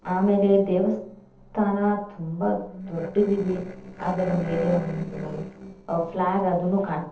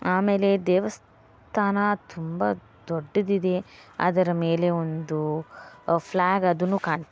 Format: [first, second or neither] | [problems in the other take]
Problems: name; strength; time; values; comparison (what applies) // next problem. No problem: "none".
second | noise reduction (neural separator model SepFormer DNS4)